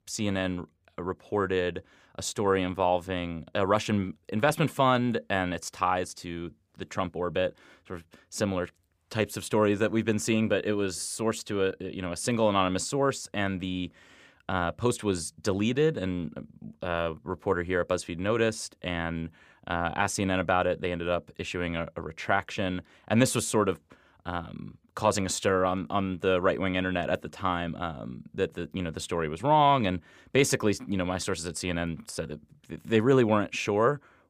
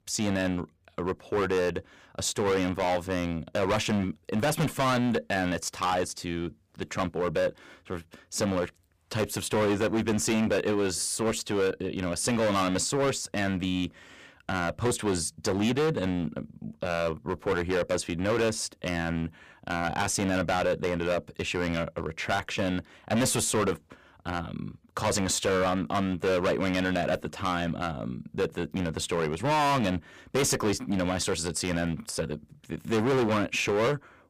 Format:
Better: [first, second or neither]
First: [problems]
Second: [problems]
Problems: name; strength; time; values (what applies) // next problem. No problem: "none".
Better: first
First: none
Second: distortion; heavy; 13% of the sound clipped